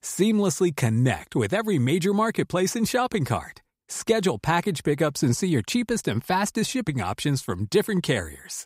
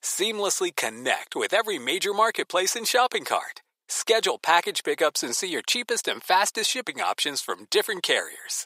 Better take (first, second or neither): first